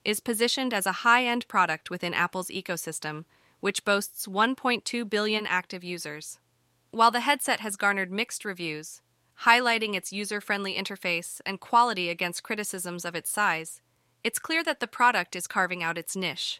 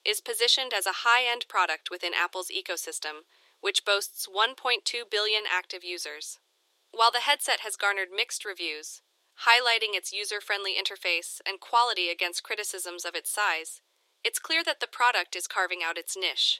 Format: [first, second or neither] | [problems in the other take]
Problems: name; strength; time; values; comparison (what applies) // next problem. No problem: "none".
first | thin; very; fading below 350 Hz